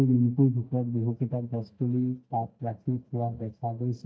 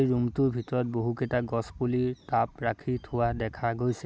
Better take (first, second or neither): second